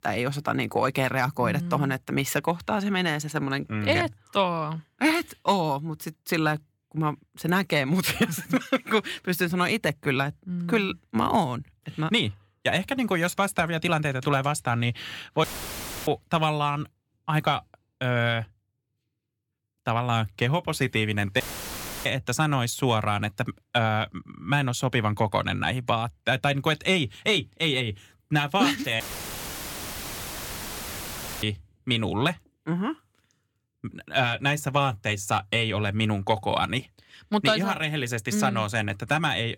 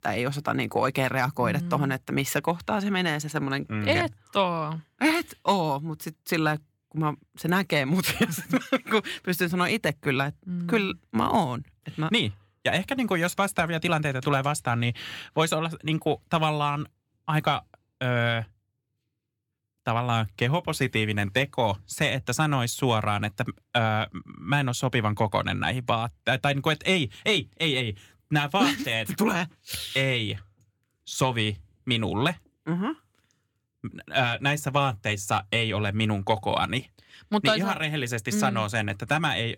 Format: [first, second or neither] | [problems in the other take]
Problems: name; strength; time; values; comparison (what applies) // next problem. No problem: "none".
second | audio cutting out; filled with static; at 15 s for 0.5 s, at 21 s for 0.5 s and at 29 s for 2.5 s